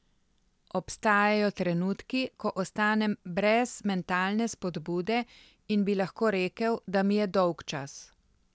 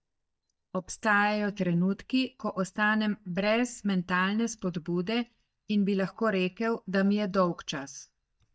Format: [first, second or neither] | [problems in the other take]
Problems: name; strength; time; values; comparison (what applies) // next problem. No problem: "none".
first | noise reduction (neural mask model DeepFilterNet 3)